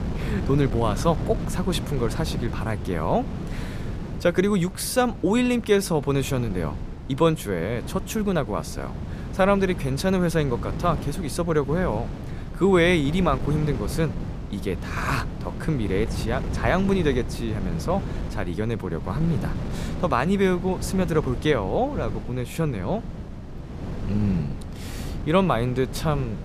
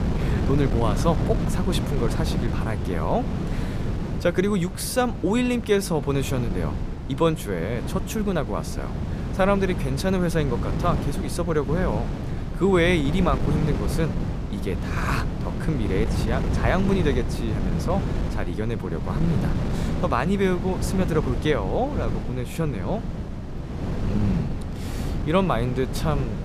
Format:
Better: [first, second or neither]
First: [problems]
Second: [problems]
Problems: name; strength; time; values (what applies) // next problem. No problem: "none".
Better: first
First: wind noise on the microphone; occasional gusts; 15 dB below the speech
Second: wind noise on the microphone; heavy; 8 dB below the speech